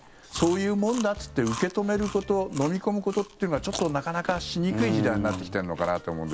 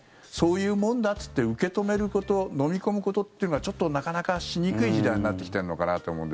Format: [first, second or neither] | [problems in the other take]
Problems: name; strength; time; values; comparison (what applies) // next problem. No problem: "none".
second | background sound (Chewing, mastication); 15 dB below the speech